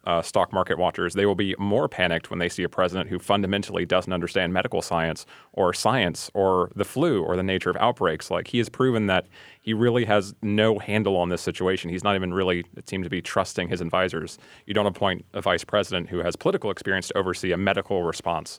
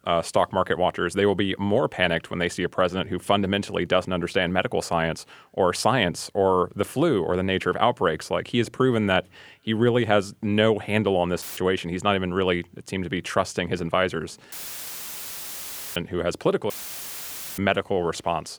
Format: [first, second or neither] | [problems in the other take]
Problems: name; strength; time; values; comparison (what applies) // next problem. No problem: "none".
first | audio cutting out; filled with static; at 11 s, at 15 s for 1.5 s and at 17 s for 1 s